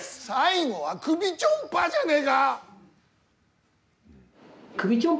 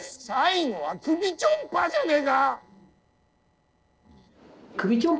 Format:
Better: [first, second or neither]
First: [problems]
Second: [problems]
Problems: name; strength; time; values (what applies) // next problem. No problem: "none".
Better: first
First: none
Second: noise reduction (neural separator model SepFormer DNS4)